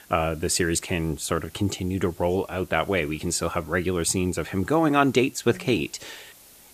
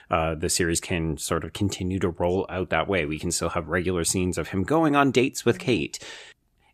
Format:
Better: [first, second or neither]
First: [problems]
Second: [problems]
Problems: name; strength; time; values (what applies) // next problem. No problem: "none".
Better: second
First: hiss; faint; throughout; 25 dB below the speech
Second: none